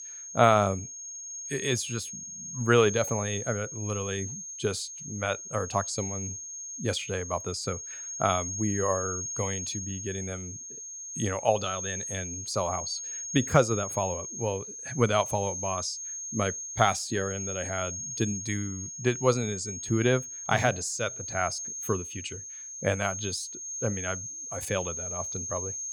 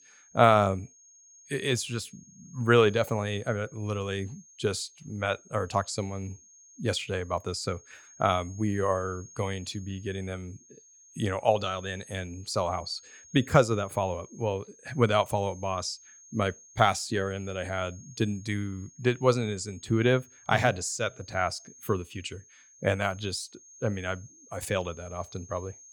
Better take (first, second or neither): second